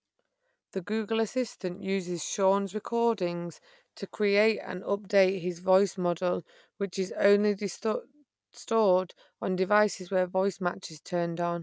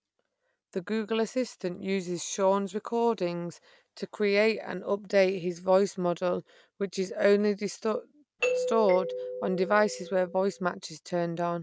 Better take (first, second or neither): first